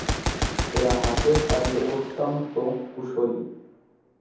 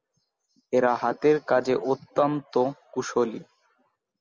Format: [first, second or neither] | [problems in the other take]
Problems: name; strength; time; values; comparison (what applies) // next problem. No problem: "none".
second | background sound (Gunshot, gunfire); 3 dB below the speech // room echo; dies away in 0.9 s